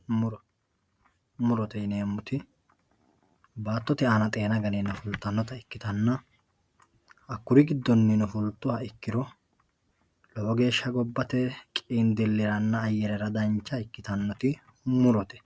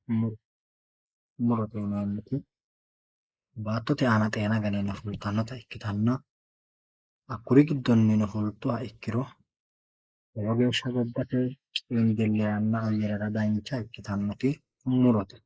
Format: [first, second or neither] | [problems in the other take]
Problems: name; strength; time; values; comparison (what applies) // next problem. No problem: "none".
first | noise reduction (neural mask model Resemble Enhance denoiser)